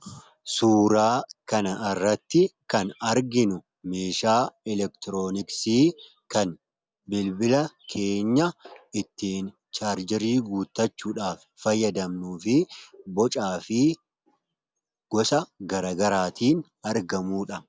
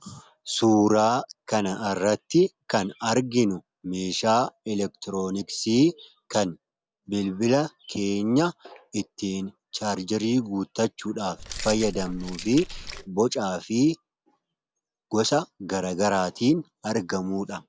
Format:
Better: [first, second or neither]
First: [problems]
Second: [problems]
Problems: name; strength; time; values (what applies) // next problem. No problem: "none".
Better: first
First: none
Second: background sound (Keys jangling); 11 dB below the speech